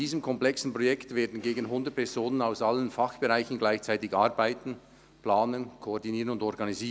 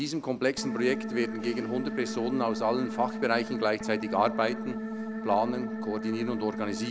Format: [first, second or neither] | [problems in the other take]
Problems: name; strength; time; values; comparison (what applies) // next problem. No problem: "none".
first | background sound (Organ); 5 dB below the speech